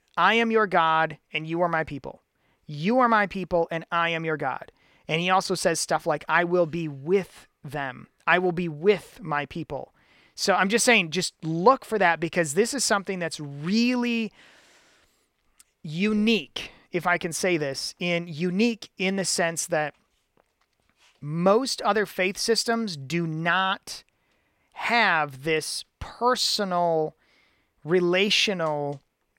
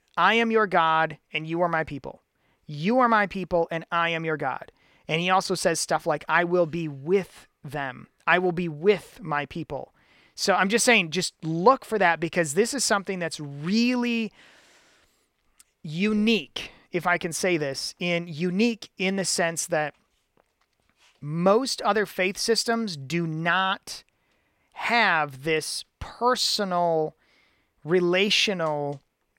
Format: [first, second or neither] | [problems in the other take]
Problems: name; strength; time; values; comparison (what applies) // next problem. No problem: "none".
neither | none